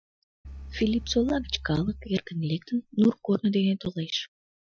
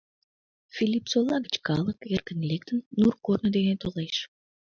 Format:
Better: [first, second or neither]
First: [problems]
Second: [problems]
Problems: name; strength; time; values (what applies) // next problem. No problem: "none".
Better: second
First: noise reduction (classical method Wiener filter)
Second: none